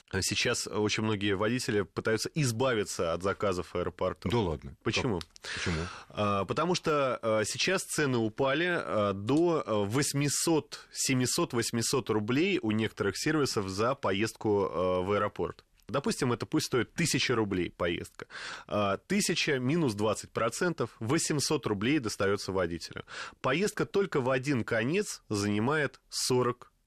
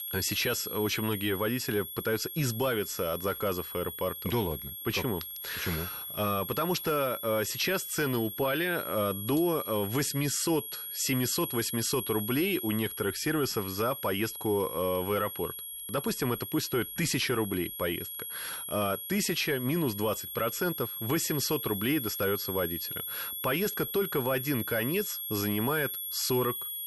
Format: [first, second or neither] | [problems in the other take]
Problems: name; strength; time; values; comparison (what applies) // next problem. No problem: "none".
first | high-pitched whine; loud; throughout; 11.5 kHz, 5 dB below the speech